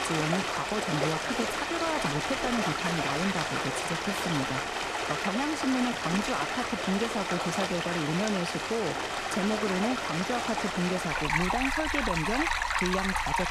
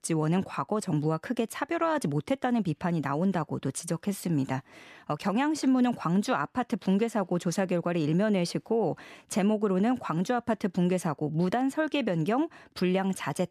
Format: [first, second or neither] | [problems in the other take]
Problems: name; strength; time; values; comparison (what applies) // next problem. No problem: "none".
second | rain or running water; very loud; throughout; 2 dB above the speech